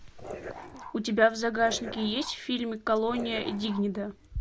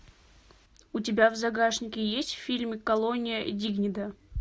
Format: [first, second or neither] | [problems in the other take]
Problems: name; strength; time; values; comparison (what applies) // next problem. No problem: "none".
second | background sound (Dog); 14 dB below the speech